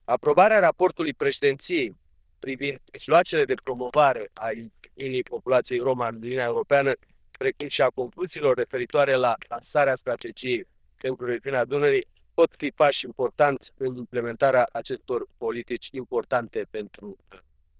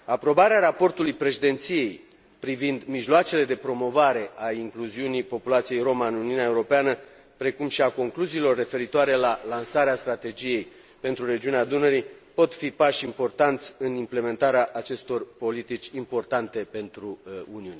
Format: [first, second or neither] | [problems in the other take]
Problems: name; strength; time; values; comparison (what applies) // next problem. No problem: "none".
second | noise reduction (neural diffusion model UNIVERSE++)